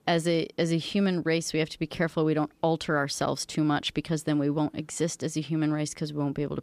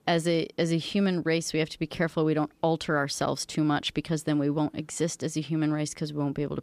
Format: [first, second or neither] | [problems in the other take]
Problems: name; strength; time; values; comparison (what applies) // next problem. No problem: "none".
neither | none